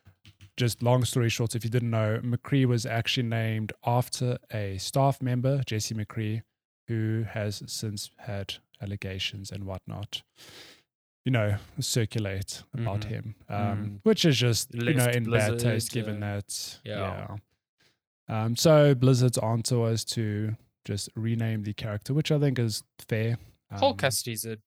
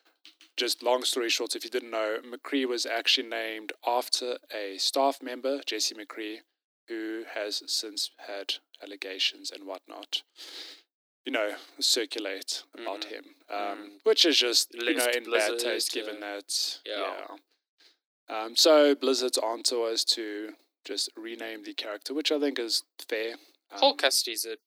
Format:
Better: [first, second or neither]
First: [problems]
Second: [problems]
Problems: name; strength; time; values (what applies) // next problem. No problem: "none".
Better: first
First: none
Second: thin; somewhat; fading below 300 Hz